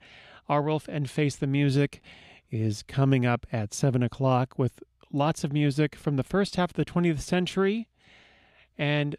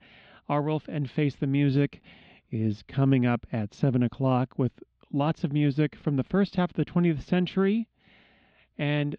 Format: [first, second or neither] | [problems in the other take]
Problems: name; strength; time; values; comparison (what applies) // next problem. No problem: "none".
first | muffled; slightly; fading above 4 kHz